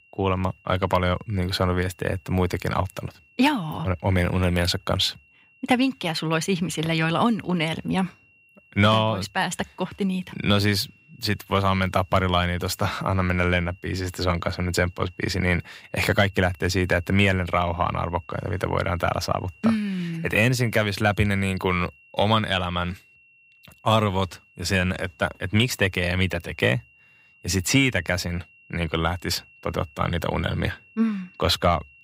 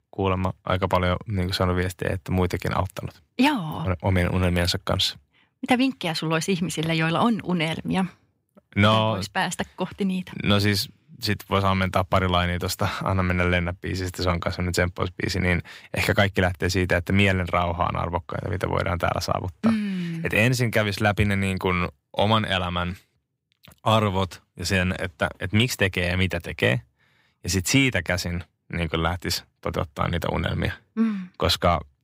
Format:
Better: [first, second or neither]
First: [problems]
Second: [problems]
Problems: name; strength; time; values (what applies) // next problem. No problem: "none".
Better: second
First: high-pitched whine; faint; throughout; 2.5 kHz, 30 dB below the speech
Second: none